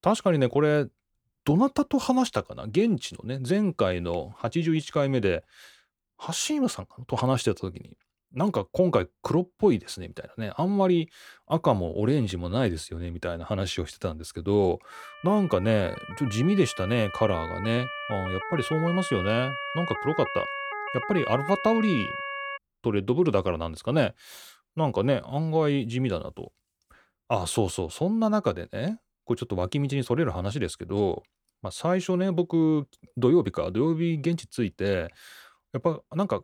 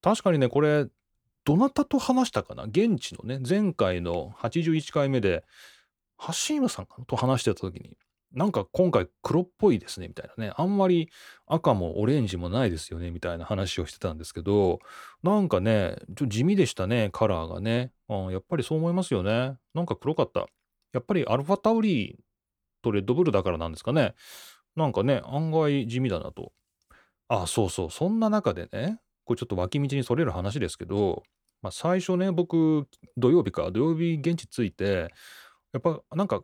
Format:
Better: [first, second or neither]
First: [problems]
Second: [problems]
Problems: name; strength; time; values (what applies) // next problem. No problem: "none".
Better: second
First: siren; noticeable; from 15 to 23 s; peak 5 dB below the speech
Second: none